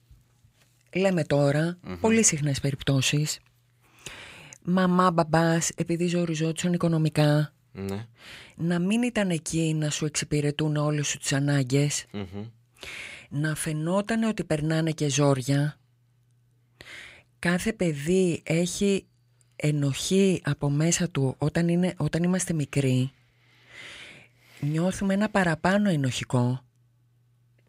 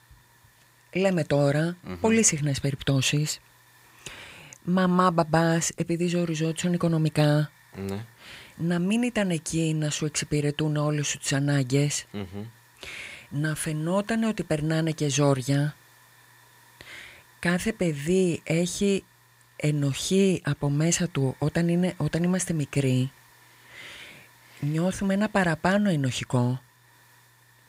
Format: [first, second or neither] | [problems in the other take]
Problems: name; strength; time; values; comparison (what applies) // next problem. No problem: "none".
first | hiss; faint; throughout; 30 dB below the speech